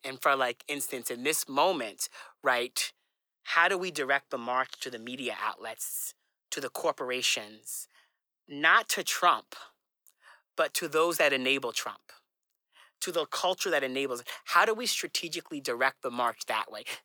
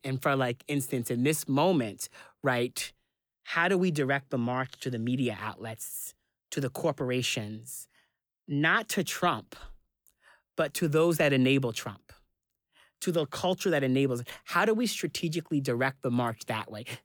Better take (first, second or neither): second